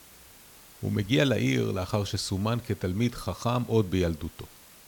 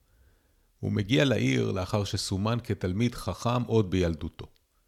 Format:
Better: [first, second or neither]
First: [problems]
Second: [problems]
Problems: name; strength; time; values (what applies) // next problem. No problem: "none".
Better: second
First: hiss; faint; throughout; 20 dB below the speech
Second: none